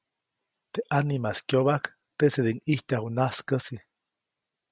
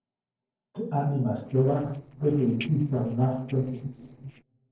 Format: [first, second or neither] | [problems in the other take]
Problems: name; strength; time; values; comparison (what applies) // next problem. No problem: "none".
first | noise reduction (neural separator model SepFormer DNS4)